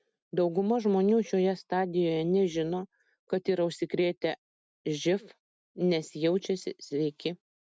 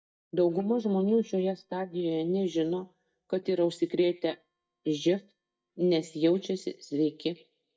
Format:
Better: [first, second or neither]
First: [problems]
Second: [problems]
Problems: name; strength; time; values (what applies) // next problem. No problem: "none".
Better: first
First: none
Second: noise reduction (neural mask model DeepFilterNet 3)